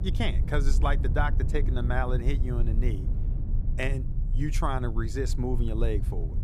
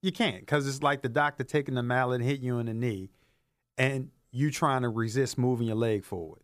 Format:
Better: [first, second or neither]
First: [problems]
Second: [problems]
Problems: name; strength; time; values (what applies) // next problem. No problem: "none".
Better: second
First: low rumble; noticeable; throughout; 10 dB below the speech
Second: none